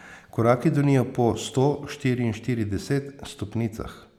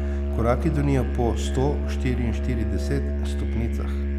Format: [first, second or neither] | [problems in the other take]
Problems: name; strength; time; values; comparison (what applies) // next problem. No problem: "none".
first | background sound (Musical instrument); 2 dB above the speech